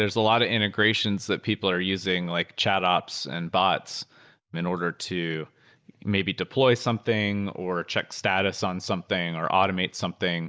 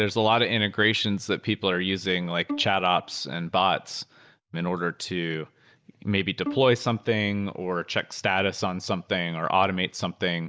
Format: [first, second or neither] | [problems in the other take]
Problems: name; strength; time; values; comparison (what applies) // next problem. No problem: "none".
first | background sound (Bowed string instrument); 13 dB below the speech